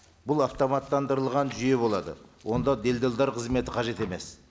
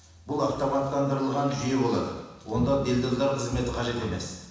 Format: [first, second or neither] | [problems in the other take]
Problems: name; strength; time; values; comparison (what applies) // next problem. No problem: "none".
first | room echo; dies away in 1.1 s